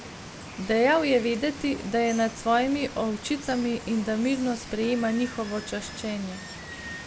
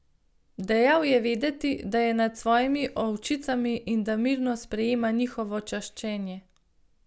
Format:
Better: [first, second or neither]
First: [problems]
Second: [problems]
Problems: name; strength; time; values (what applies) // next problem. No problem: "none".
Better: second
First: background sound (Water); 13 dB below the speech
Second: none